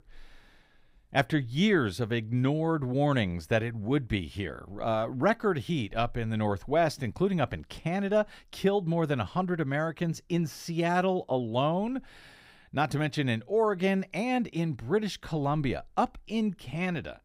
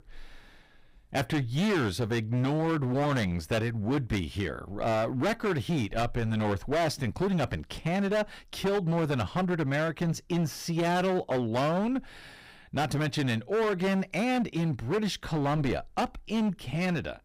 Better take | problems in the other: first | distortion; heavy; 18% of the sound clipped

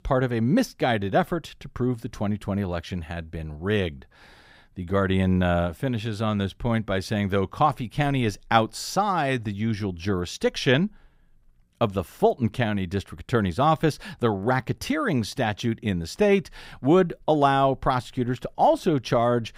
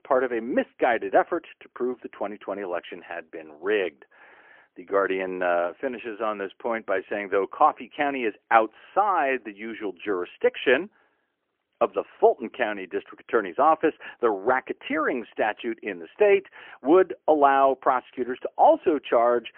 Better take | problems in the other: first | phone-call audio; poor line; nothing above 3 kHz

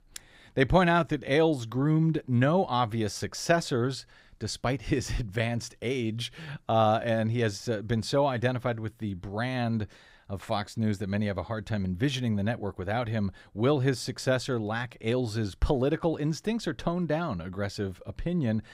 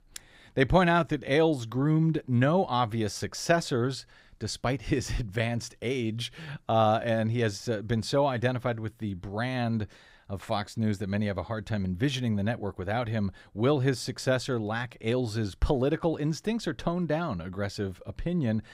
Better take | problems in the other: neither | none

